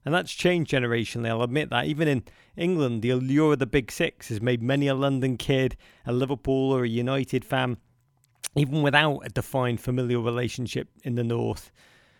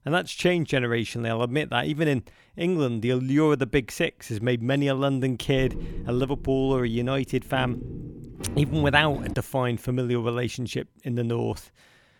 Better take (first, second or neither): first